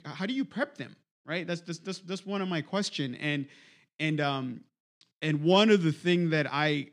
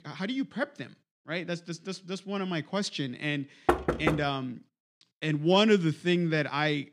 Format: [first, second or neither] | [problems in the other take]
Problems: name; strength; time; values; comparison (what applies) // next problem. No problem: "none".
first | door banging; loud; at 3.5 s; peak 2 dB above the speech